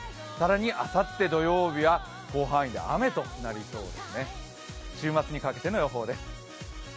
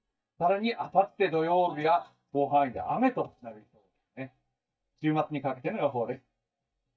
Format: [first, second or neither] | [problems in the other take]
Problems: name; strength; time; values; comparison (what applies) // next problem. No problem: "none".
first | noise reduction (neural mask model DeepFilterNet 3)